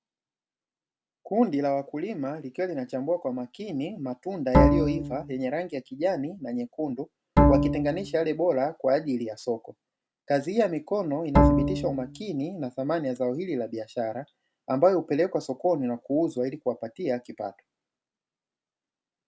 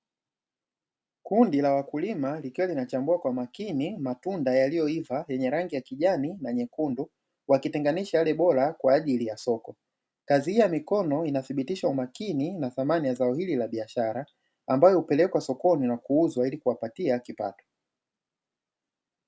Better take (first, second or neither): second